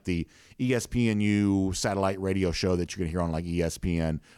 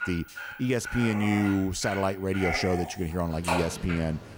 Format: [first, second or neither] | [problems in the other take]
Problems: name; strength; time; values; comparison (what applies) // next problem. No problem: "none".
first | animal sounds; loud; throughout; 6 dB below the speech